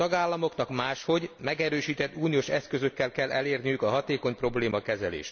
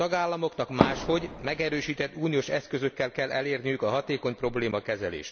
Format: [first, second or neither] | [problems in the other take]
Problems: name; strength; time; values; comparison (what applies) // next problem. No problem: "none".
first | background sound (Fireworks); 1 dB below the speech